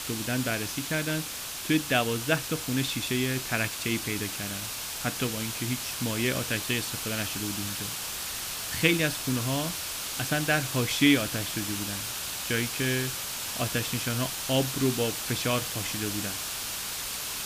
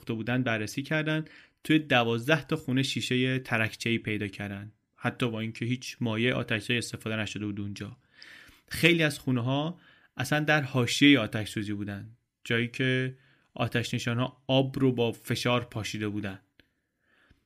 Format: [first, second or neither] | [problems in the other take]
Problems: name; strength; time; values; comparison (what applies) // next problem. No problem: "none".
second | hiss; loud; throughout; 2 dB below the speech